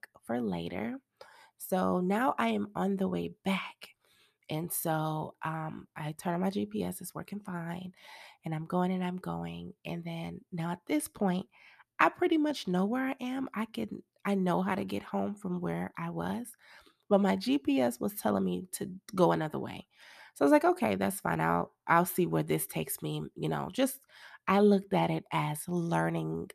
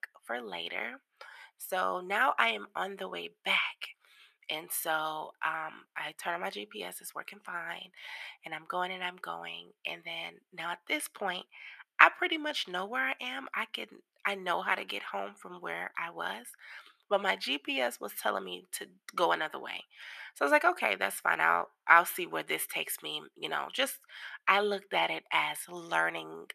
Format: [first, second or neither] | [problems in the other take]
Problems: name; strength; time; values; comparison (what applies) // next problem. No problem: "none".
first | thin; very; fading below 550 Hz